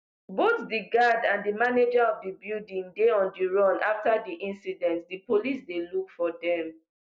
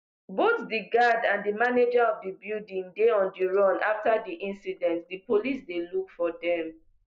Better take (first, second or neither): first